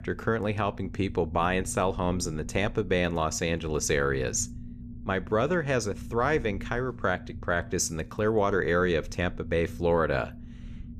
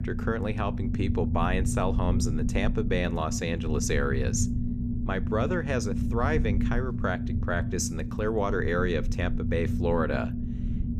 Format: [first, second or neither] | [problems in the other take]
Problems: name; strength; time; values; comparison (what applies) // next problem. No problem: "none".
first | low rumble; loud; throughout; 8 dB below the speech; faint in the first